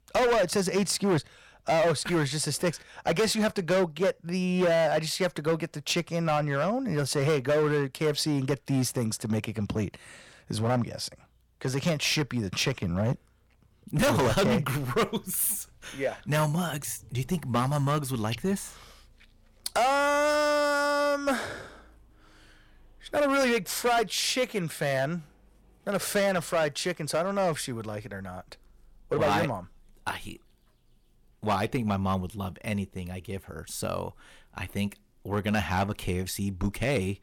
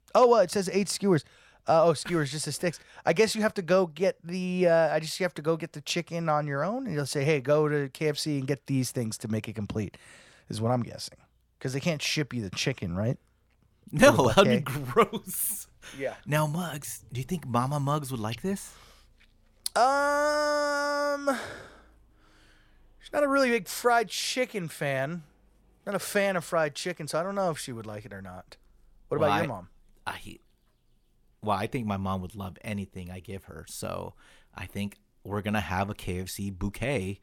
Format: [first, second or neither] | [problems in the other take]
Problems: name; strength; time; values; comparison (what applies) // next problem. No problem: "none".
second | distortion; heavy; 8% of the sound clipped